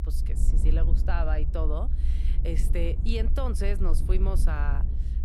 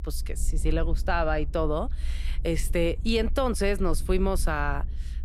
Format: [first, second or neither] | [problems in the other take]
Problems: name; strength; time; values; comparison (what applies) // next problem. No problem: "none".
second | low rumble; loud; throughout; 10 dB below the speech; faint in the second